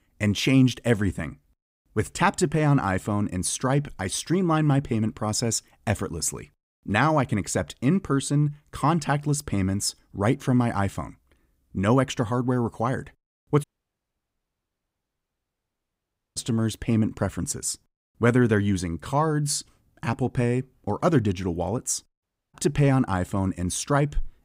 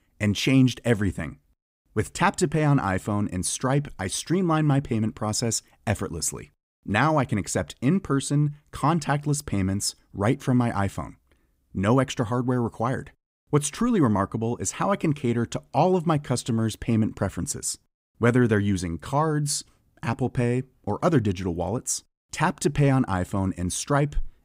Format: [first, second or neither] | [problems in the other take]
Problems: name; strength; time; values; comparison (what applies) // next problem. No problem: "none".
second | audio cutting out; at 14 s for 2.5 s and at 22 s